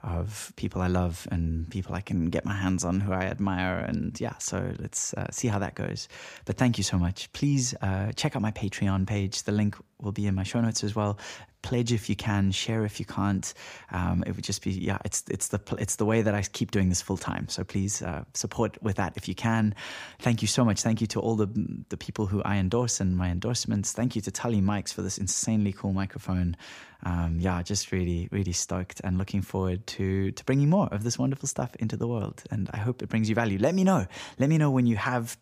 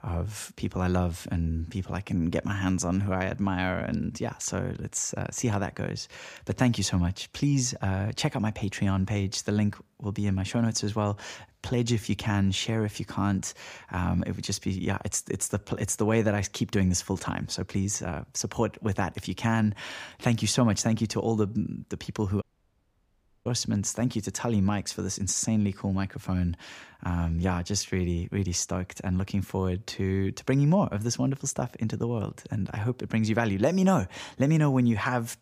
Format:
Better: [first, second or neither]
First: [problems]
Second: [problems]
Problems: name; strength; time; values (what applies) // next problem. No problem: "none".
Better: first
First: none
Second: audio cutting out; at 22 s for 1 s